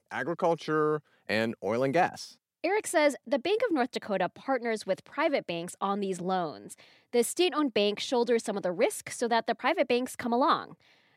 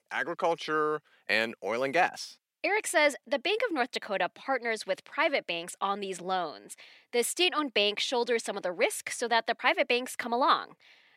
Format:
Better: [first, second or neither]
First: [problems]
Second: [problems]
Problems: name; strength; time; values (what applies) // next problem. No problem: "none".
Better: first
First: none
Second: thin; very slightly; fading below 1 kHz